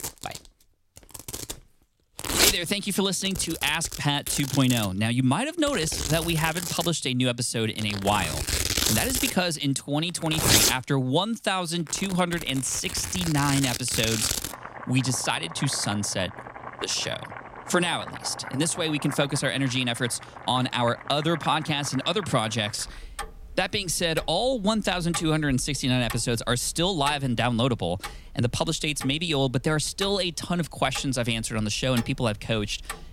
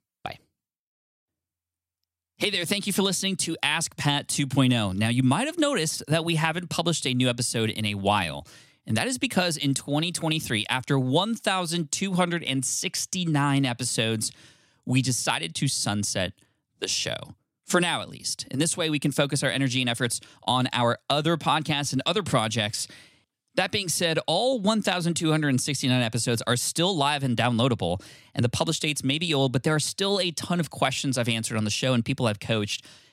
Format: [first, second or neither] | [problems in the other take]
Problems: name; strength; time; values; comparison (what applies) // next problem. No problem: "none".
second | household noises; loud; throughout; 5 dB below the speech